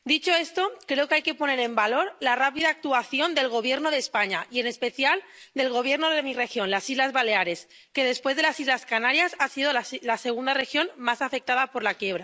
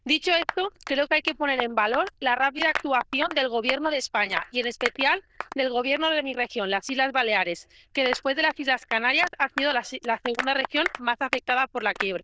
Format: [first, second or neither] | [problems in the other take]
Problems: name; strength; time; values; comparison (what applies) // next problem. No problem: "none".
first | noise reduction (neural diffusion model UNIVERSE++)